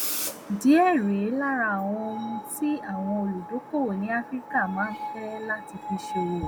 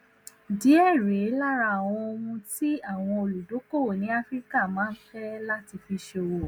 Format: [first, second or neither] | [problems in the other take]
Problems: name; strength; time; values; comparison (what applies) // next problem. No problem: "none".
second | background sound (Screech); 9 dB below the speech